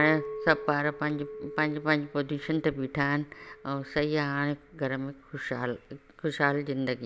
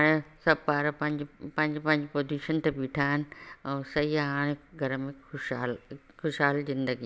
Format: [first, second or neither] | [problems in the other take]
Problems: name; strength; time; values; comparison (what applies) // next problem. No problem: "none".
second | background sound (Chink, clink); 15 dB below the speech